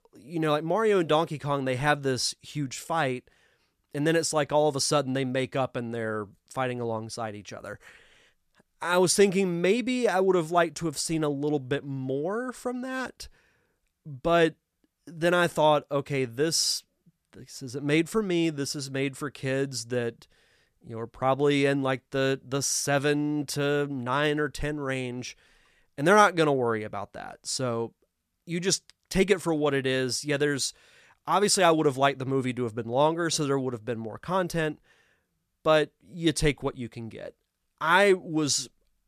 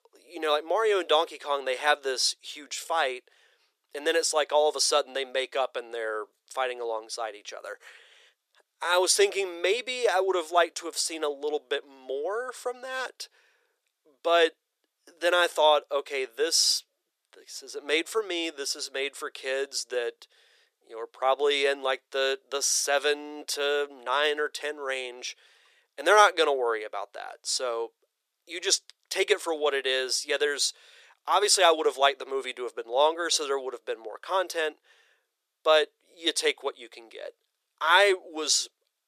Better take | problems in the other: first | thin; very; fading below 400 Hz

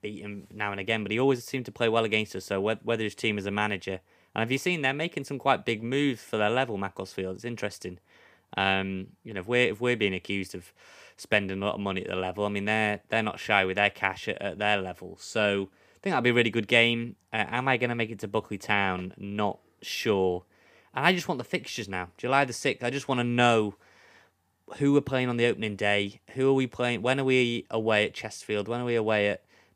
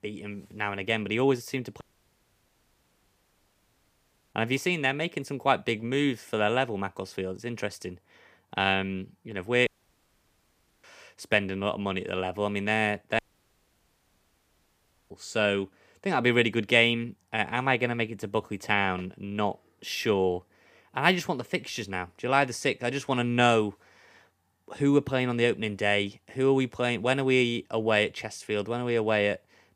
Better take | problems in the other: first | audio cutting out; at 2 s for 2.5 s, at 9.5 s for 1 s and at 13 s for 2 s

